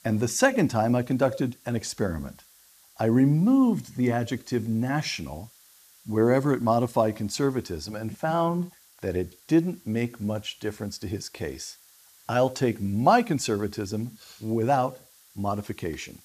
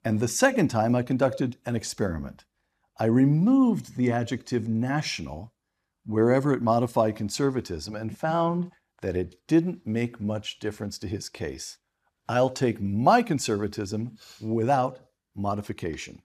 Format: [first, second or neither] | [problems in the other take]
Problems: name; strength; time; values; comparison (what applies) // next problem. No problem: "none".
second | hiss; faint; throughout; 25 dB below the speech